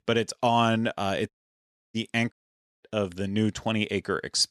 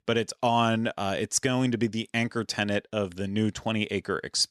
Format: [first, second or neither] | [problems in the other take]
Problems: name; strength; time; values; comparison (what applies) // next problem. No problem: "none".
second | audio cutting out; at 1.5 s for 0.5 s and at 2.5 s for 0.5 s